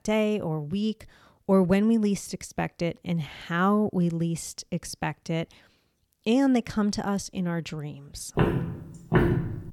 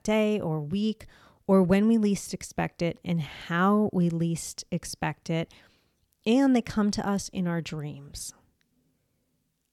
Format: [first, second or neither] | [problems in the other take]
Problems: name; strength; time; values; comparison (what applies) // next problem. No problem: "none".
second | footsteps; loud; from 8.5 s on; peak 3 dB above the speech